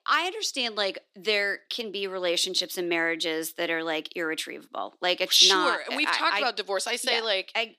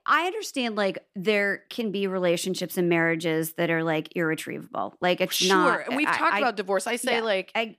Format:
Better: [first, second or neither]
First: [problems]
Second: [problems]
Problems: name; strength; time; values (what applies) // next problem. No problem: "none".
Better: second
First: thin; somewhat; fading below 300 Hz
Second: none